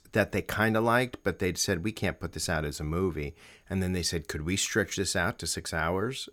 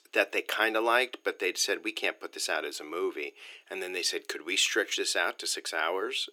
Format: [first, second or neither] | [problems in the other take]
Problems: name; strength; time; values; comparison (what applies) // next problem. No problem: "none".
first | thin; very; fading below 350 Hz